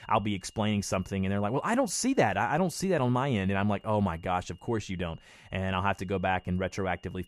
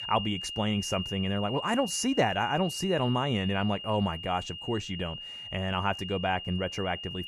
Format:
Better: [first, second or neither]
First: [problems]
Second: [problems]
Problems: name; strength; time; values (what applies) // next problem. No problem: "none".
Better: first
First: high-pitched whine; faint; throughout; 3 kHz, 30 dB below the speech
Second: high-pitched whine; loud; throughout; 3 kHz, 7 dB below the speech